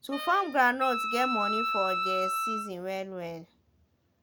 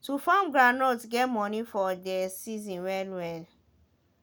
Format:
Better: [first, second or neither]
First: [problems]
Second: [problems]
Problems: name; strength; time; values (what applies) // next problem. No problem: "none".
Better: second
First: background sound (Wind instrument, woodwind instrument); 1 dB below the speech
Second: none